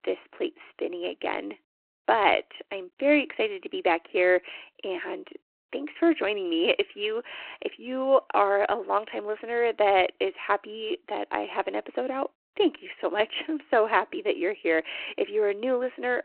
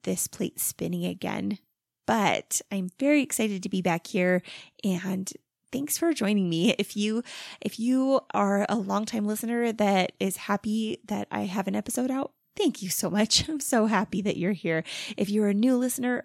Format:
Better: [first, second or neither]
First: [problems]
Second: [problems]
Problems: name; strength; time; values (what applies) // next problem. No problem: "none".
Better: second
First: phone-call audio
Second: none